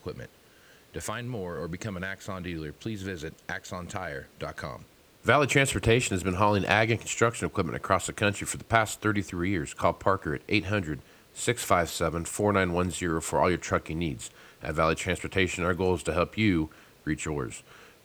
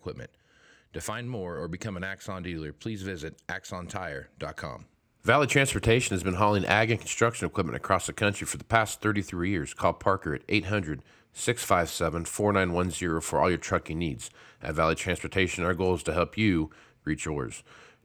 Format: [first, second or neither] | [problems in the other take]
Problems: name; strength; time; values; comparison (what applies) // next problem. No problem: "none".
second | hiss; faint; throughout; 30 dB below the speech